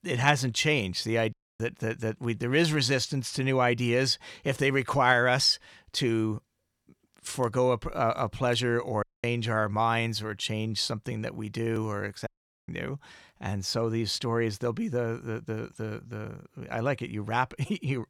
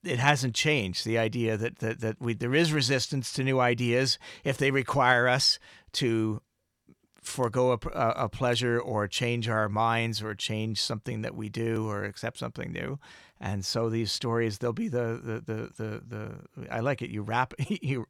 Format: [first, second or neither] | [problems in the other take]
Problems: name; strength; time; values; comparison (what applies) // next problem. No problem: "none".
second | audio cutting out; at 1.5 s, at 9 s and at 12 s